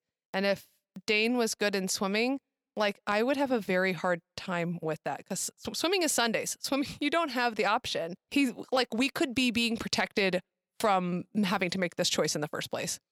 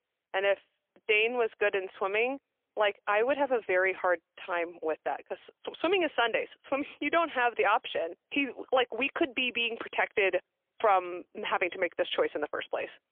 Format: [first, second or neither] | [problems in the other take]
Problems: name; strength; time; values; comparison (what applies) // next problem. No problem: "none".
first | phone-call audio; poor line; nothing above 3 kHz